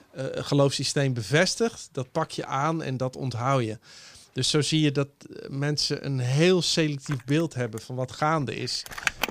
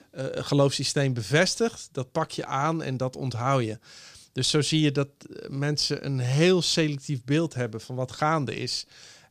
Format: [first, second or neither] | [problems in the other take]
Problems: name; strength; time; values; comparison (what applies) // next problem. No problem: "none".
second | household noises; loud; throughout; 10 dB below the speech